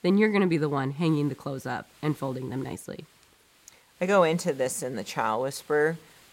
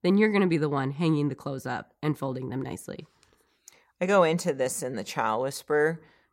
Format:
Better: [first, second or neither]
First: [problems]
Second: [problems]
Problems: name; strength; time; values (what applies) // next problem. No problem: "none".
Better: second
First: hiss; faint; throughout; 30 dB below the speech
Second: none